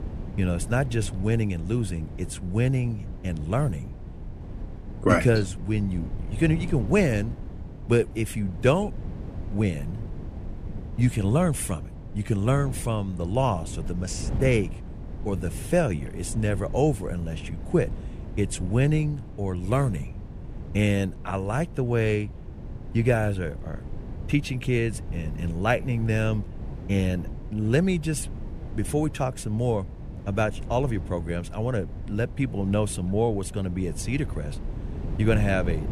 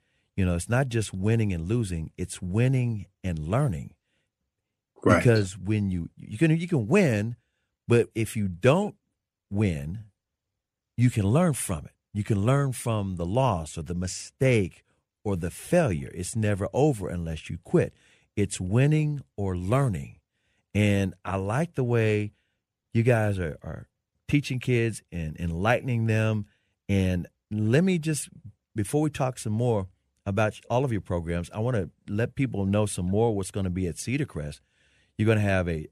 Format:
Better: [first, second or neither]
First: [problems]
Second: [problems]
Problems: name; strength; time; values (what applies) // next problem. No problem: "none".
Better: second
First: wind noise on the microphone; occasional gusts; 15 dB below the speech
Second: none